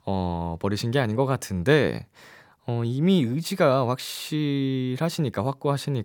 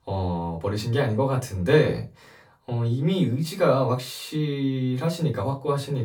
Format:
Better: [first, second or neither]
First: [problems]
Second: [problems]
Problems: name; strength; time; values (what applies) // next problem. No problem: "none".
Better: first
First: none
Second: off-mic speech; far // room echo; very slight; dies away in 0.2 s